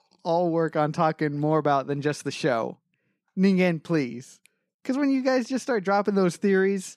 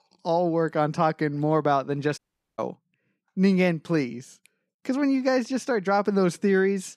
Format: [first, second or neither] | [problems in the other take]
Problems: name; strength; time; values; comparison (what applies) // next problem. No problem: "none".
first | audio cutting out; at 2 s